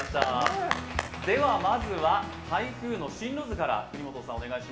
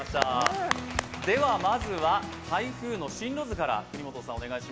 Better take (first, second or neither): second